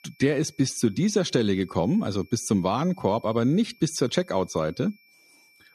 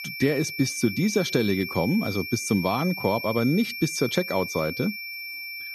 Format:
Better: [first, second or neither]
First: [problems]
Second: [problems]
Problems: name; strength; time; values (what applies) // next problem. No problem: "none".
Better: first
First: high-pitched whine; faint; throughout; 2.5 kHz, 30 dB below the speech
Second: high-pitched whine; loud; throughout; 2.5 kHz, 7 dB below the speech